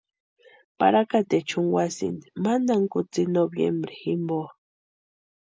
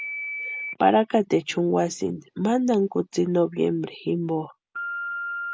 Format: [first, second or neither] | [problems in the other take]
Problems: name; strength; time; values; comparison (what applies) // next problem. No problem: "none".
first | background sound (Telephone); 12 dB below the speech